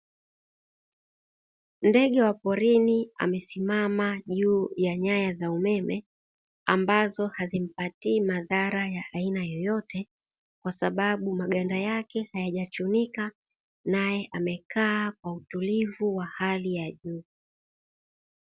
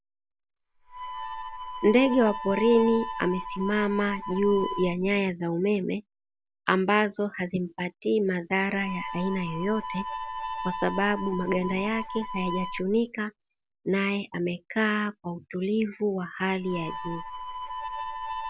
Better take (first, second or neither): first